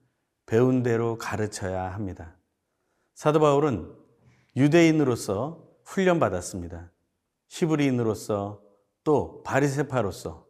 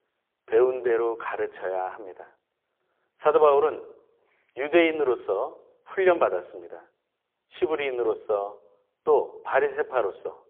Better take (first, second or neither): first